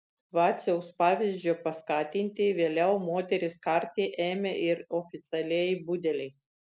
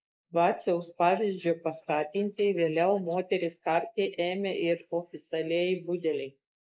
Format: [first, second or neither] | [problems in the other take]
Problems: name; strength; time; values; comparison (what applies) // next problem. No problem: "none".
first | noise reduction (neural mask model Resemble Enhance denoiser)